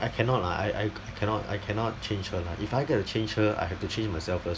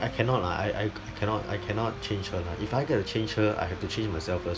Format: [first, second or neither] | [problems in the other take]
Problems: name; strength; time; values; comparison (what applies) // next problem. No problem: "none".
first | background sound (Wind instrument, woodwind instrument); 15 dB below the speech